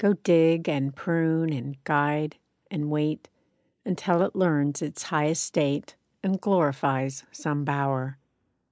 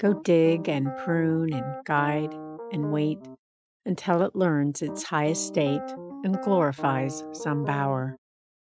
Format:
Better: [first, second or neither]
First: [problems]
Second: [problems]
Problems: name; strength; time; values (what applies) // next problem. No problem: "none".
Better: first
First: none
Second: noise reduction (classical method Wiener filter)